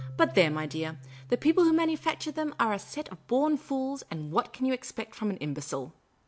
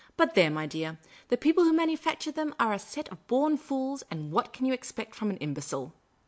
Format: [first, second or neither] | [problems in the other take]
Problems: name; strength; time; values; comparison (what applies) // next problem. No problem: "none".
second | background sound (Marimba, xylophone); 20 dB below the speech